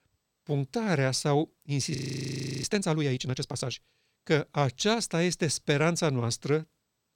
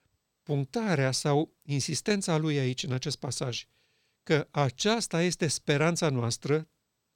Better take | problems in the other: second | audio freezing; at 2 s for 0.5 s

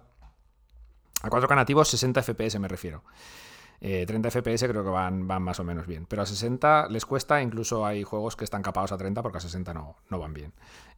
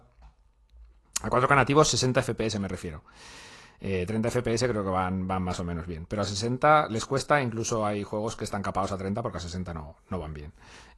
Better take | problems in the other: first | garbled, watery; slightly; nothing above 11.5 kHz

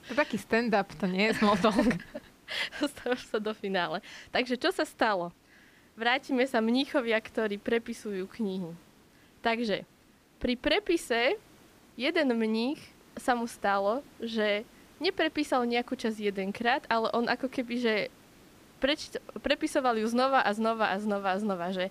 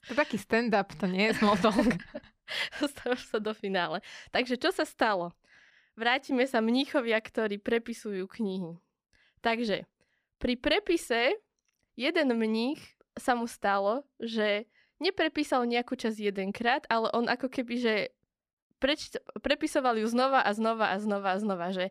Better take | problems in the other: second | hiss; faint; throughout; 25 dB below the speech

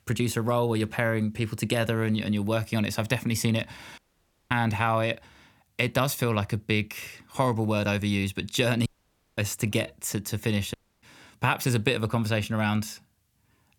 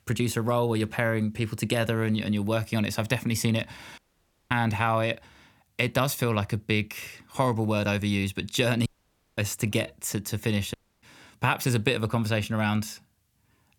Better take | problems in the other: neither | audio cutting out; at 4 s for 0.5 s, at 9 s for 0.5 s and at 11 s; the same in both

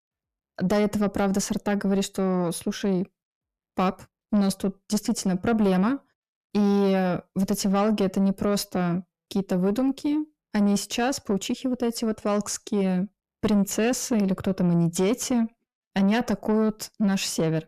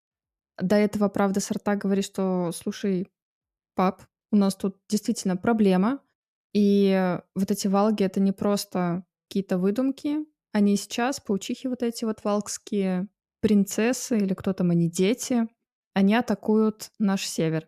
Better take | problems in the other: second | distortion; slight; 9 dB below the speech

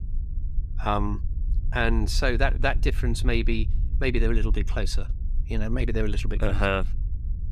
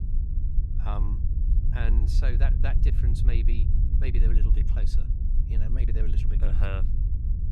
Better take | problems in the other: first | low rumble; loud; throughout; 4 dB below the speech; faint in the first

